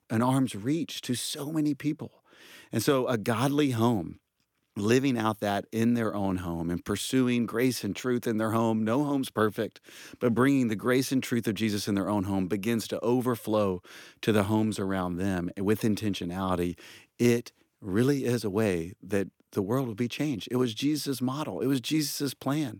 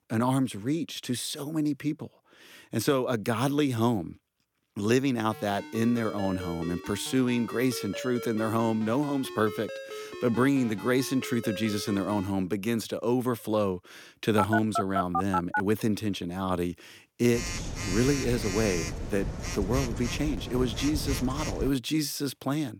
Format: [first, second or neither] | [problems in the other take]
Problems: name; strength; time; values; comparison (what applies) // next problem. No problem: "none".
first | phone ringing; noticeable; from 5.5 to 12 s and from 14 to 22 s; peak level with the speech